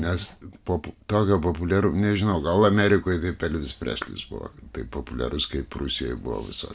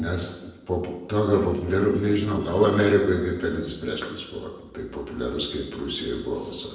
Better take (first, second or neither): first